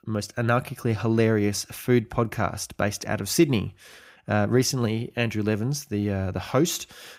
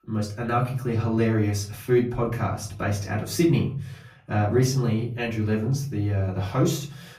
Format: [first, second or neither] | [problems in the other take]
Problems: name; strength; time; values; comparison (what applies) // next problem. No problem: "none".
first | off-mic speech; far // room echo; slight; dies away in 0.6 s